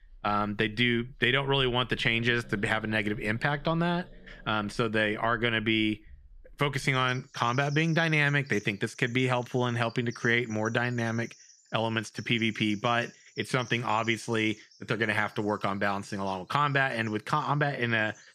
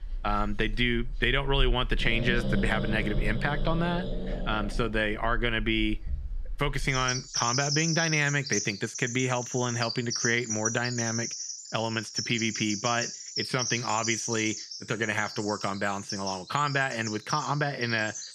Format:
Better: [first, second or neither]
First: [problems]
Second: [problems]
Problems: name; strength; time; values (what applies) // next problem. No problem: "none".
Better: first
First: animal sounds; faint; throughout; 25 dB below the speech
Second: animal sounds; loud; throughout; 5 dB below the speech